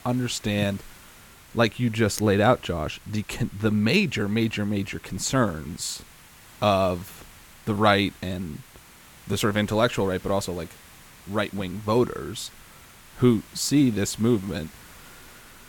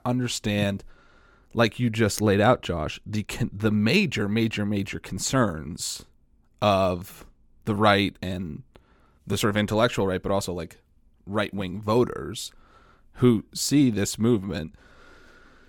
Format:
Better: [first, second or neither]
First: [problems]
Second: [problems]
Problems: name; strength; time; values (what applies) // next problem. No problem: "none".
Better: second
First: hiss; faint; throughout; 25 dB below the speech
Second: none